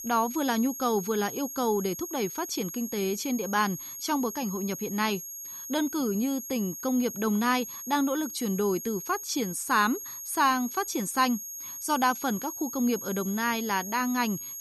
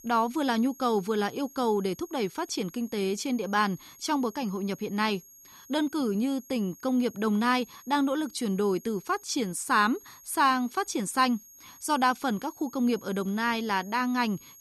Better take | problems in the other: second | high-pitched whine; loud; throughout; 6.5 kHz, 8 dB below the speech; faint in the second

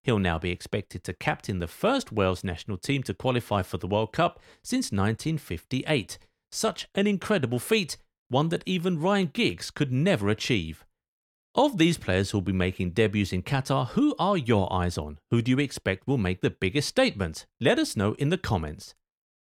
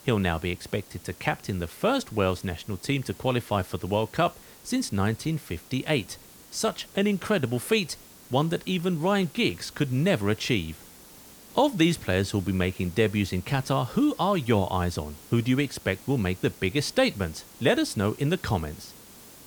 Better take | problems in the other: first | hiss; faint; throughout; 20 dB below the speech

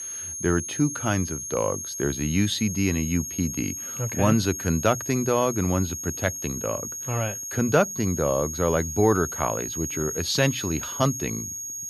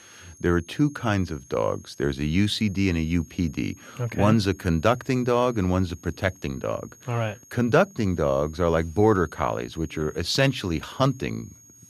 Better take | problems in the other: second | high-pitched whine; loud; throughout; 6.5 kHz, 5 dB below the speech; faint in the second

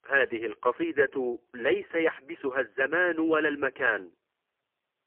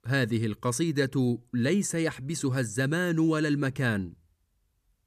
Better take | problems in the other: second | phone-call audio; poor line; nothing above 3 kHz

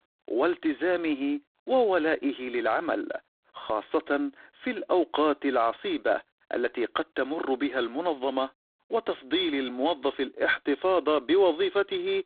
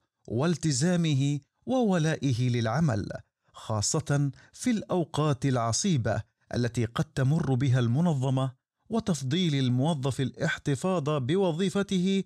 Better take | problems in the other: second | phone-call audio; poor line; nothing above 3.5 kHz

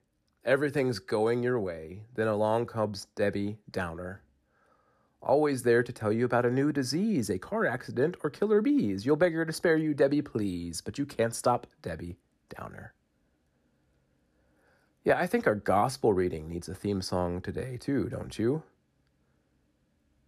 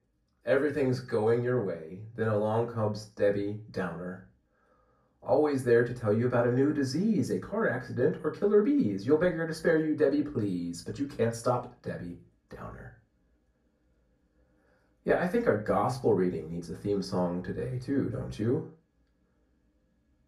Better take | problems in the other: first | room echo; slight; dies away in 0.3 s // off-mic speech; far

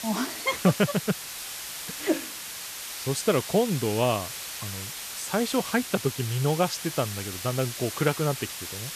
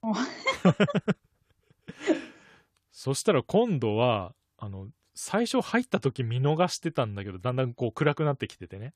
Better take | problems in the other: second | hiss; loud; throughout; 7 dB below the speech

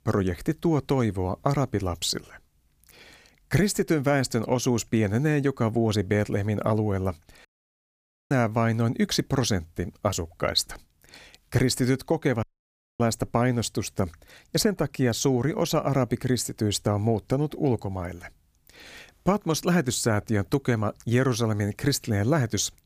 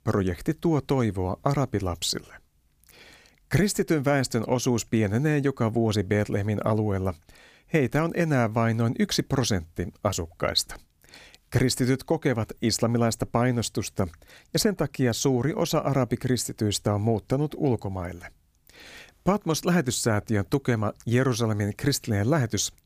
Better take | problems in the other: second | audio cutting out; at 7.5 s for 1 s and at 12 s for 0.5 s

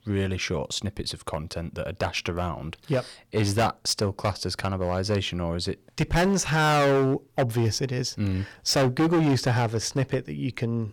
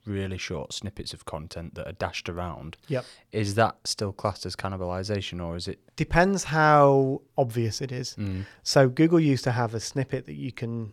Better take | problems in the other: second | distortion; heavy; 9% of the sound clipped

